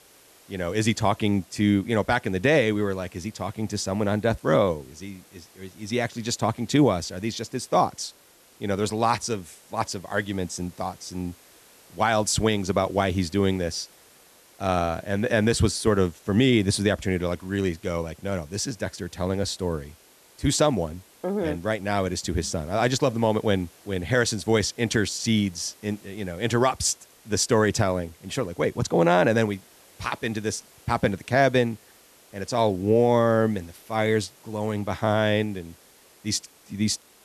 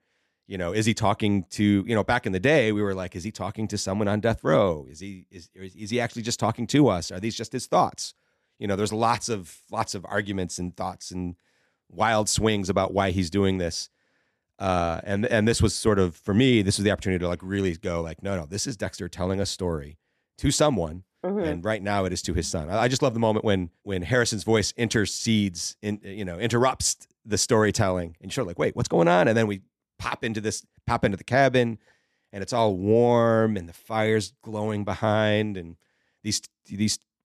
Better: second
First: hiss; faint; throughout; 25 dB below the speech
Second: none

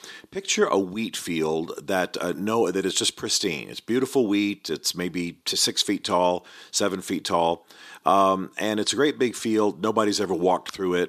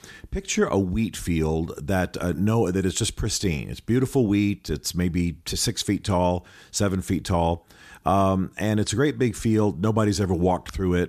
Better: second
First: thin; somewhat; fading below 350 Hz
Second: none

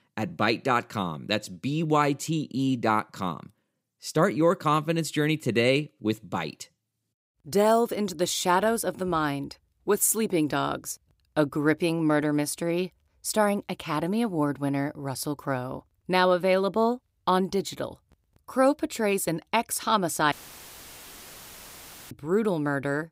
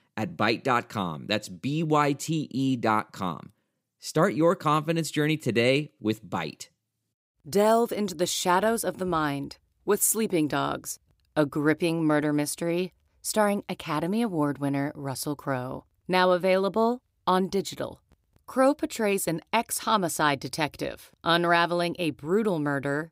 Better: second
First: audio cutting out; filled with static; at 20 s for 2 s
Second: none

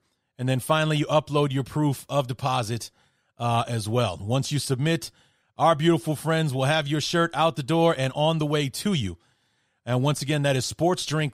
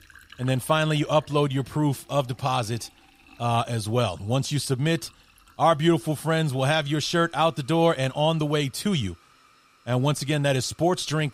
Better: first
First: none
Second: household noises; faint; throughout; 30 dB below the speech

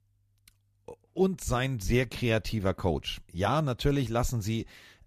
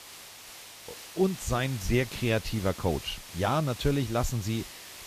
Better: first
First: none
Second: hiss; noticeable; throughout; 15 dB below the speech

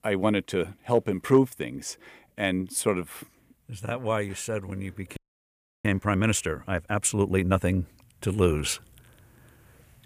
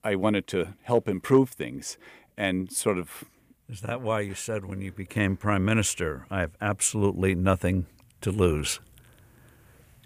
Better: second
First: audio freezing; at 5 s for 0.5 s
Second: none

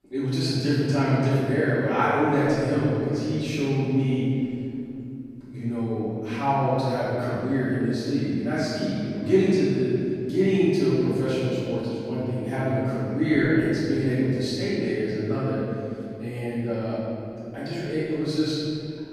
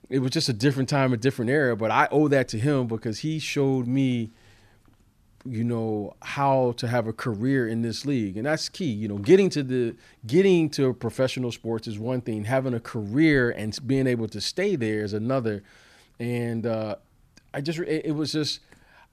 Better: second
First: off-mic speech; far // room echo; strong; dies away in 2.6 s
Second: none

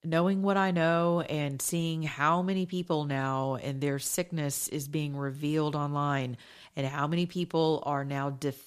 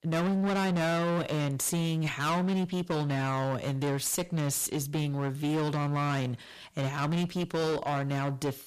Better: first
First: none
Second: distortion; heavy; 25% of the sound clipped

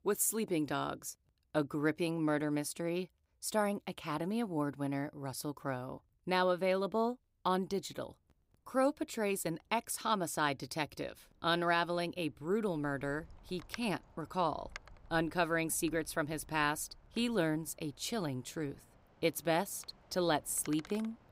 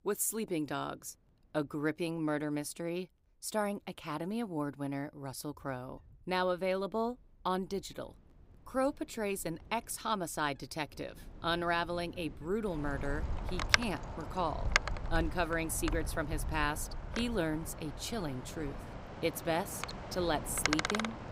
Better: first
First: wind in the background; faint; throughout; 20 dB below the speech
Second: wind in the background; loud; throughout; 2 dB below the speech

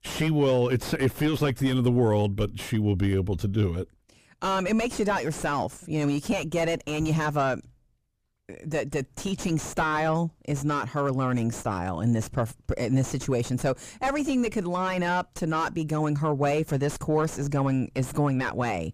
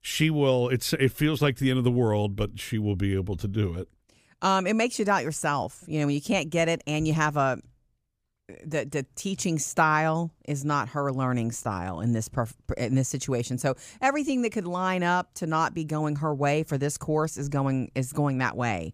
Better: second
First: distortion; heavy; 6 dB below the speech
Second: none

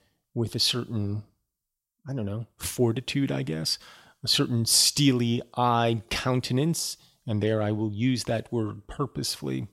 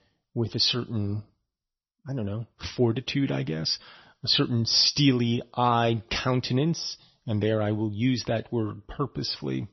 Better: first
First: none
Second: garbled, watery; slightly; nothing above 5.5 kHz

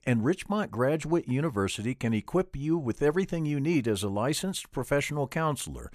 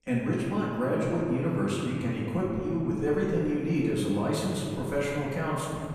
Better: first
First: none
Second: off-mic speech; far // room echo; noticeable; dies away in 2.9 s

